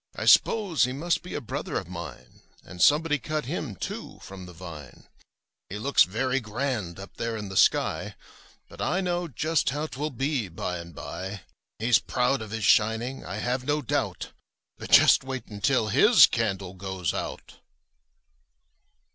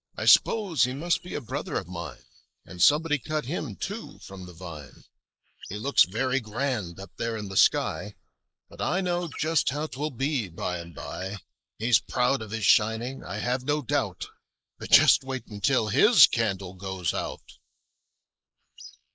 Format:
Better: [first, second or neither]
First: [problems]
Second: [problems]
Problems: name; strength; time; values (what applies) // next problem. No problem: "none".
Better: first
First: none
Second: noise reduction (neural mask model Resemble Enhance denoiser)